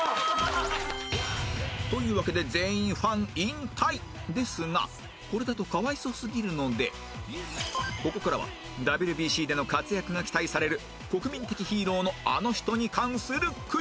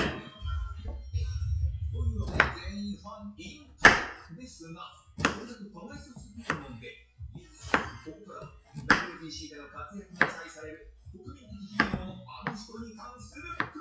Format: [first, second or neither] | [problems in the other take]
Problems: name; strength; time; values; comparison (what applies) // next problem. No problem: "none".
first | noise reduction (classical method WPE with log-MMSE)